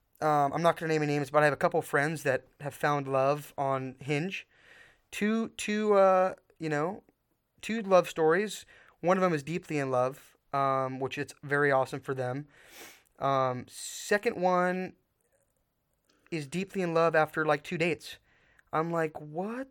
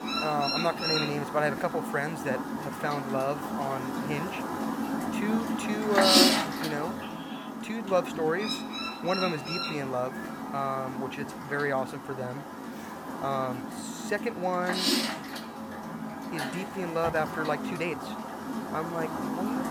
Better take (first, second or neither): first